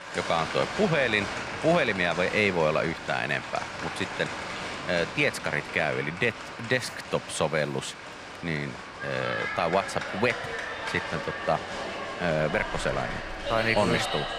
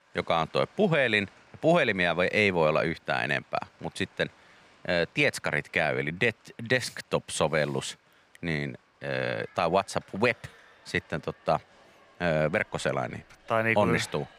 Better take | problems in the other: second | crowd noise; loud; throughout; 6 dB below the speech; faint in the second

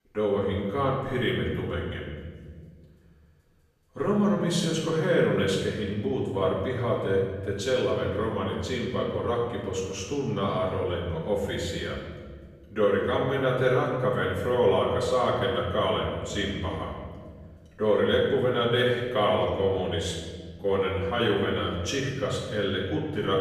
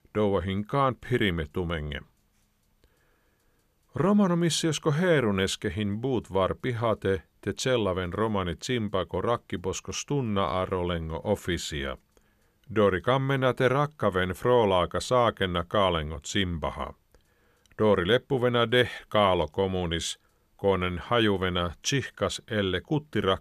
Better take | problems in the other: second | off-mic speech; far // room echo; noticeable; dies away in 1.5 s

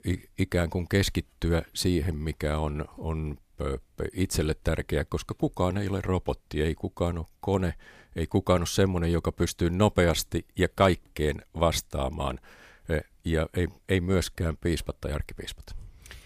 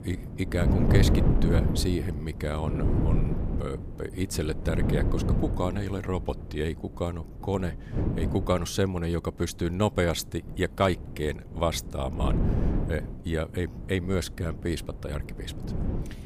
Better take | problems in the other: first | wind noise on the microphone; heavy; 5 dB below the speech

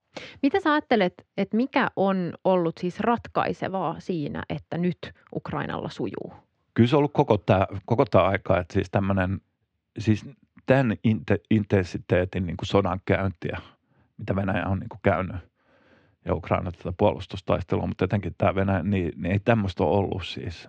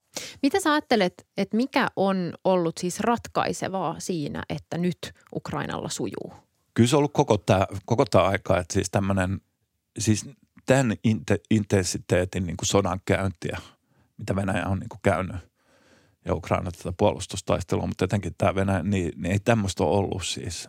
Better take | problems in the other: second | muffled; slightly; fading above 3 kHz

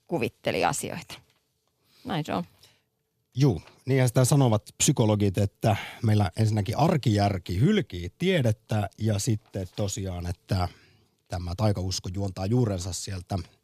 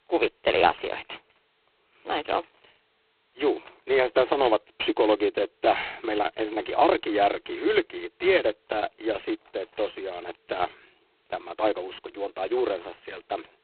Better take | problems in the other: first | phone-call audio; poor line; nothing above 4 kHz

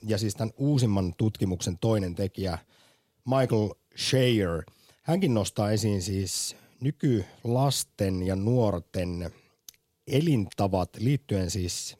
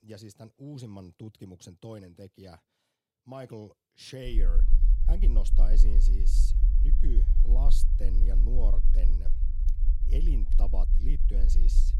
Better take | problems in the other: first | low rumble; loud; from 4.5 s on; 6 dB below the speech

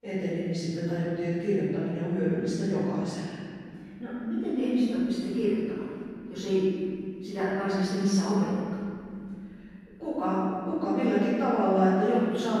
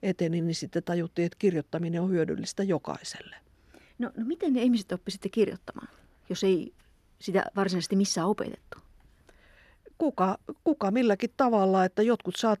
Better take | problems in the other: second | room echo; strong; dies away in 2.5 s // off-mic speech; far

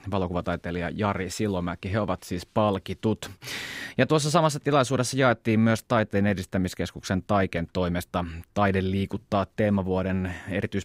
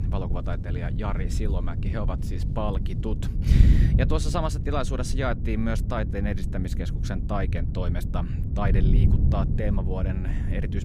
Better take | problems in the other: first | wind noise on the microphone; heavy; 6 dB below the speech

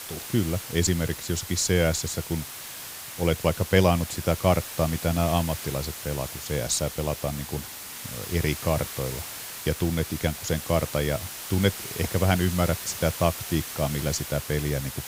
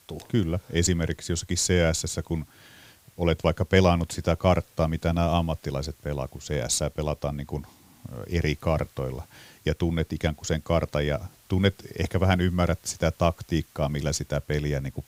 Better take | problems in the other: second | hiss; loud; throughout; 8 dB below the speech; faint in the second

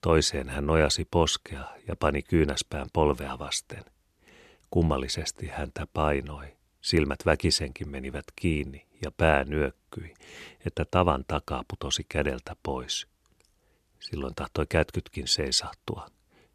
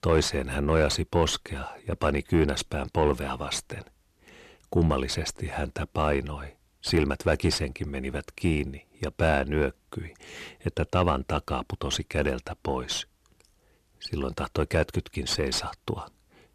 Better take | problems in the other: first | distortion; slight; 10 dB below the speech

